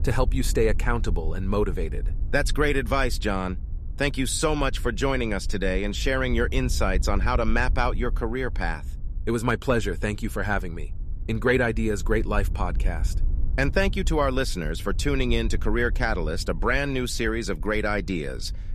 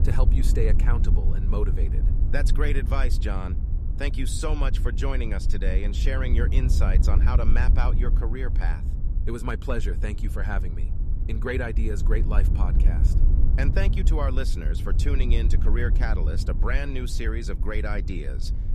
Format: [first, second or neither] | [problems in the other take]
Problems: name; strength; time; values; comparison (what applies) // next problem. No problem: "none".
first | wind noise on the microphone; heavy; 9 dB below the speech; occasional gusts in the first